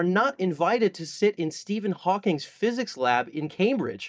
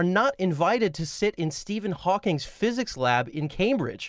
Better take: second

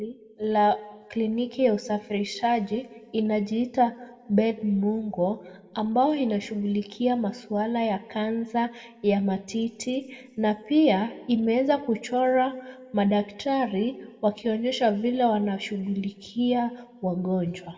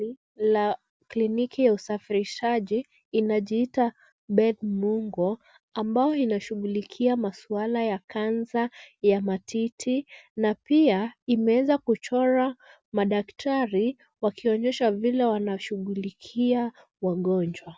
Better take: second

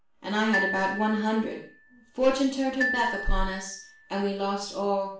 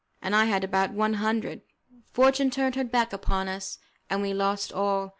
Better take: second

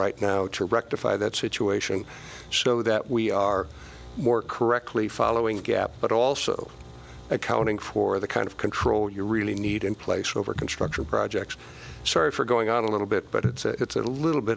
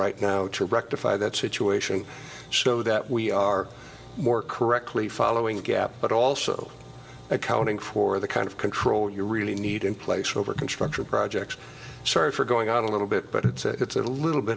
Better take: first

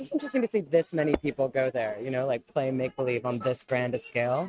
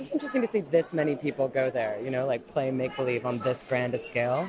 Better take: second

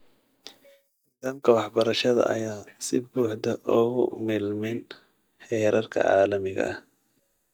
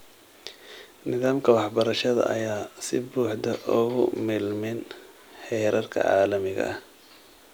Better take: second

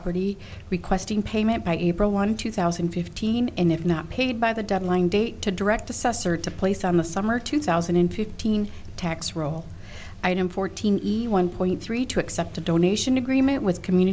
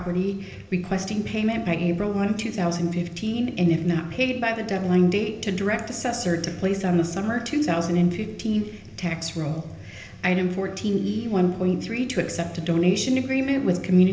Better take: first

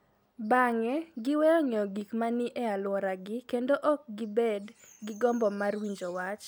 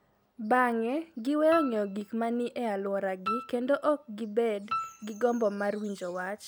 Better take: first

